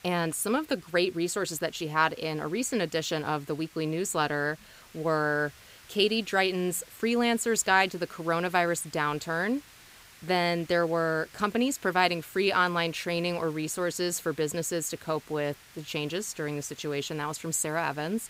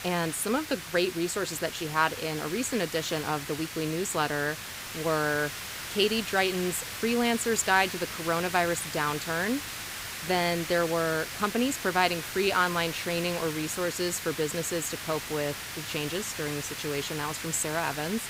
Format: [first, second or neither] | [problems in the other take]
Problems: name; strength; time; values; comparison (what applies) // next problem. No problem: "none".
first | hiss; loud; throughout; 7 dB below the speech; faint in the first